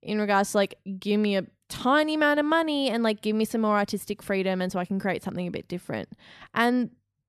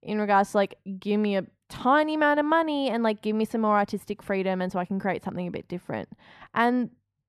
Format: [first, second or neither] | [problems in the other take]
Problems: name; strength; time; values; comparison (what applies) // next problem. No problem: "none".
first | muffled; slightly; fading above 3.5 kHz